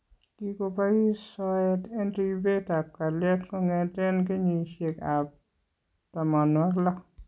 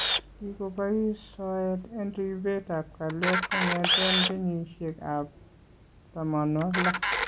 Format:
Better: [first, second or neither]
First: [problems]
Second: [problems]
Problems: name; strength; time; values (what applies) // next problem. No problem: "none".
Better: first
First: none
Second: background sound (Camera); 2 dB below the speech